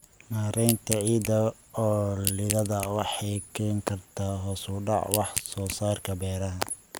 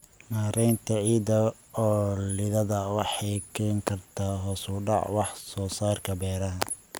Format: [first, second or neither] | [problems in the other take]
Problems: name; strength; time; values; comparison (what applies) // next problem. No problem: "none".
second | background sound (Crack / Crushing); 8 dB below the speech